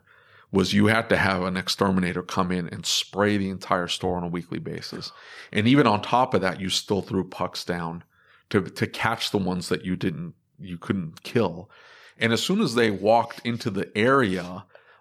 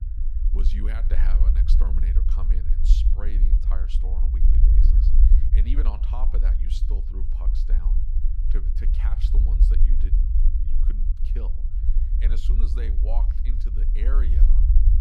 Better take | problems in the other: first | low rumble; loud; throughout; 2 dB below the speech

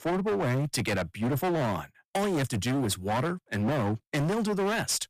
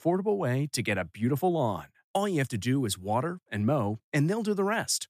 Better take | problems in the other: second | distortion; heavy; 30% of the sound clipped

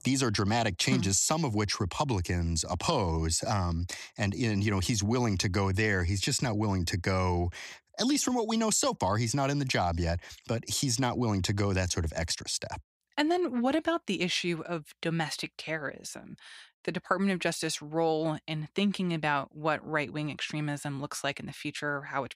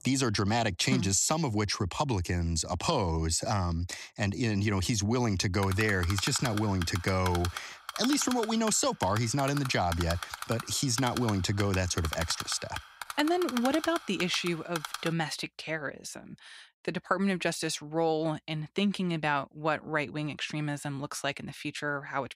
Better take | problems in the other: first | keyboard typing; noticeable; from 5.5 to 15 s; peak 6 dB below the speech

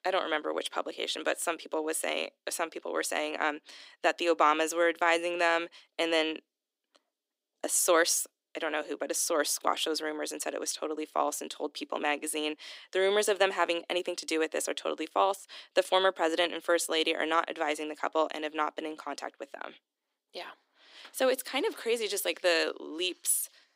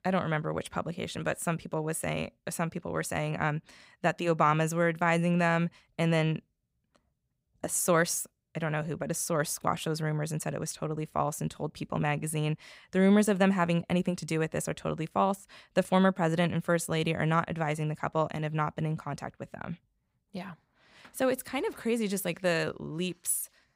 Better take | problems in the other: second | thin; very; fading below 300 Hz

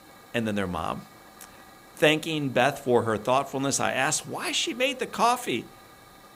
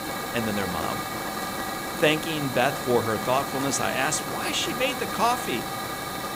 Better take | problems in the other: first | hiss; loud; throughout; 4 dB below the speech; faint in the first

